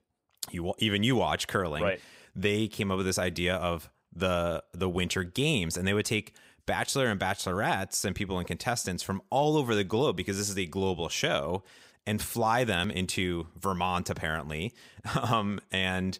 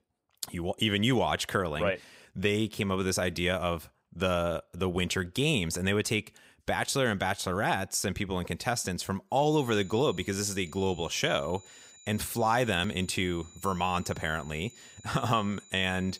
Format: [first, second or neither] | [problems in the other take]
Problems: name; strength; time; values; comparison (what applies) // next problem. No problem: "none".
first | high-pitched whine; faint; from 9.5 s on; 7 kHz, 20 dB below the speech